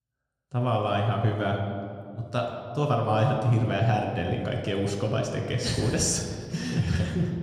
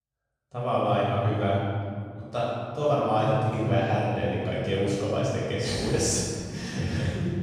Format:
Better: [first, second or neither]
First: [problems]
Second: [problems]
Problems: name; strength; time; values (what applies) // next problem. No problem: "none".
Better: first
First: room echo; slight; dies away in 1.8 s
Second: room echo; strong; dies away in 1.8 s // off-mic speech; far